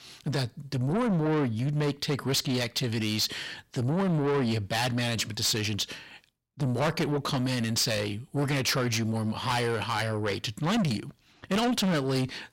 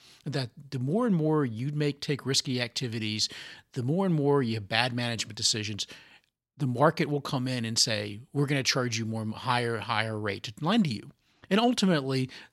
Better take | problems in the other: second | distortion; heavy; 6 dB below the speech

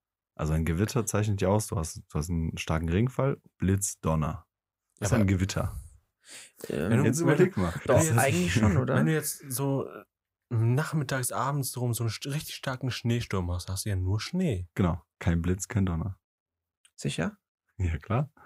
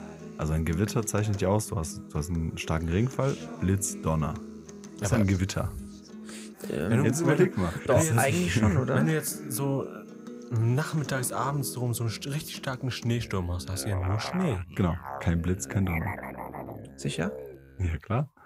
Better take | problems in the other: first | background music; noticeable; throughout; 15 dB below the speech

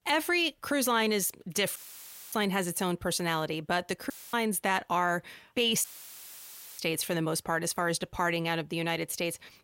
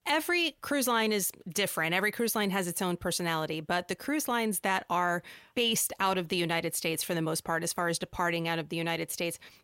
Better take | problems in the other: second | audio cutting out; filled with static; at 2 s for 0.5 s, at 4 s and at 6 s for 1 s

